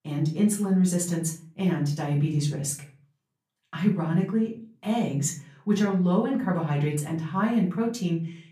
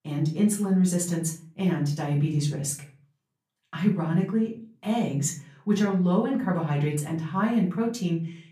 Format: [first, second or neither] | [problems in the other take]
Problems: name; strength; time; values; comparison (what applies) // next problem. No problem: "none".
neither | off-mic speech; far; the same in both // room echo; slight; dies away in 0.4 s; the same in both